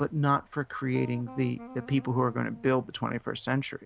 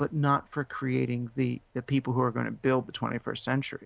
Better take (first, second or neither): second